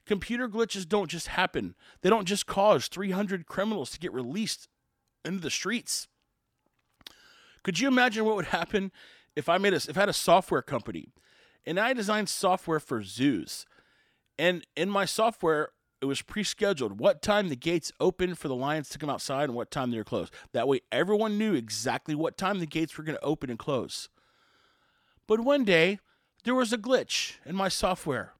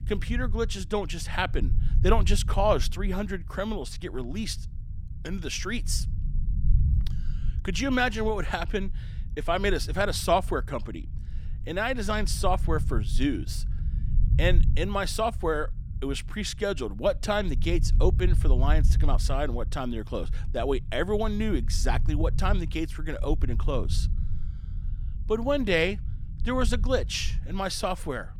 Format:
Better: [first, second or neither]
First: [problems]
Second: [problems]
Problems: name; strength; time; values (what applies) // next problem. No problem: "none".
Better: first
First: none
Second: low rumble; noticeable; throughout; 20 dB below the speech